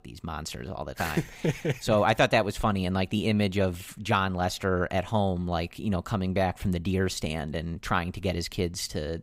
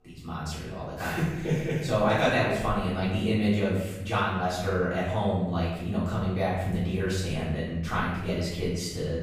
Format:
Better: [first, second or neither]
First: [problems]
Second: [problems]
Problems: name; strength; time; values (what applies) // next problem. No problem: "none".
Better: first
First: none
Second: off-mic speech; far // room echo; noticeable; dies away in 1 s